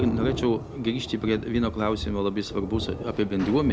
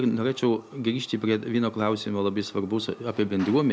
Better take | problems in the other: second | background sound (Thunder); 8 dB below the speech

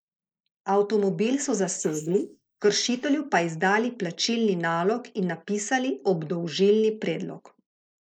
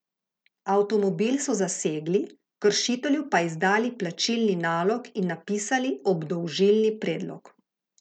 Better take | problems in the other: second | noise reduction (neural mask model Resemble Enhance denoiser)

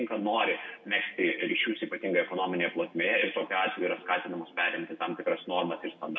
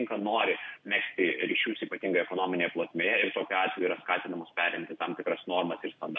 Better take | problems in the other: second | room echo; dies away in 1.5 s

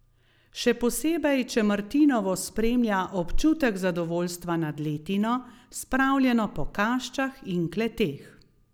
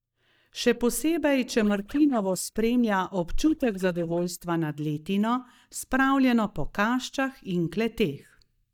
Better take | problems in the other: first | noise reduction (neural mask model DeepFilterNet 3)

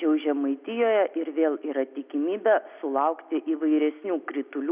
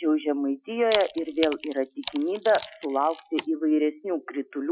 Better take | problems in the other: first | noise reduction (classical method Wiener filter)

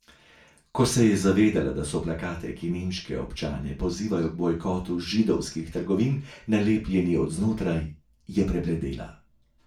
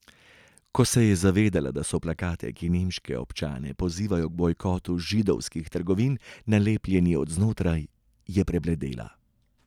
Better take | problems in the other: second | room echo; dies away in 0.3 s

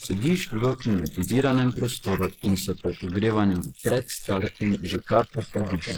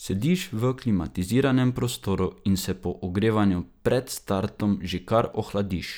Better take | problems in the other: second | noise reduction (neural mask model Resemble Enhance denoiser)

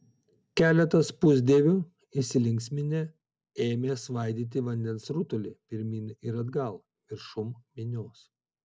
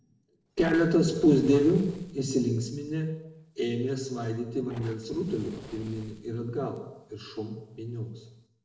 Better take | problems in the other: first | noise reduction (neural separator model SepFormer DNS4)

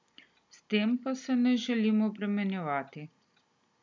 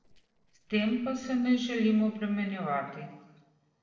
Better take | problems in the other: first | noise reduction (neural separator model SepFormer DNS4)

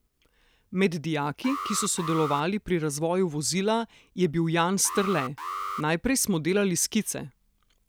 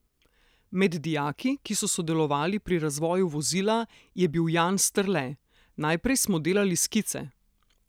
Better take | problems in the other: second | background sound (Alarm); 8 dB below the speech

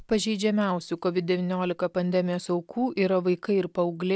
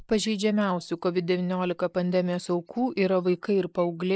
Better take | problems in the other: first | noise reduction (neural mask model Resemble Enhance denoiser)

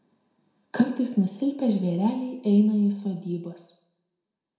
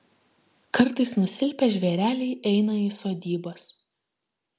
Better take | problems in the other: second | room echo; dies away in 0.5 s

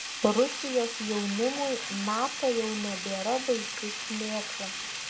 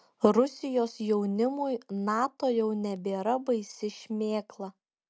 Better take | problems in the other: second | background sound (Sink (filling or washing)); 5 dB below the speech // room echo; dies away in 0.3 s

